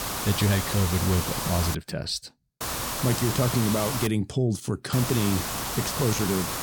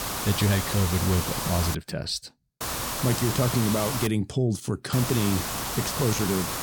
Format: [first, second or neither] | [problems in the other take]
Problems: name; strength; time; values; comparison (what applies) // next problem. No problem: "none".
neither | hiss; loud; until 2 s, from 2.5 to 4 s and from 5 s on; 2 dB below the speech; the same in both